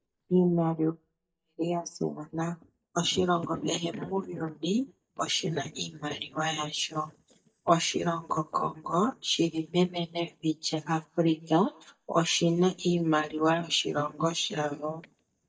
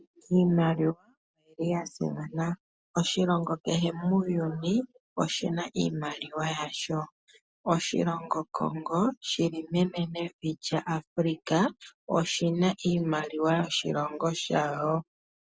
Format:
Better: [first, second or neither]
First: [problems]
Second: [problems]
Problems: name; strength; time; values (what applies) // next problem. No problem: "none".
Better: second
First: noise reduction (neural mask model DeepFilterNet 3)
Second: none